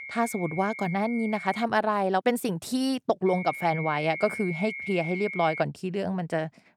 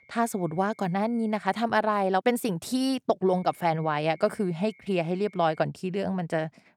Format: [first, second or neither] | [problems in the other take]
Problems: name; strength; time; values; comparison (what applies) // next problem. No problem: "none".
second | high-pitched whine; loud; until 1.5 s and from 3.5 to 5.5 s; 2 kHz, 8 dB below the speech; faint in the second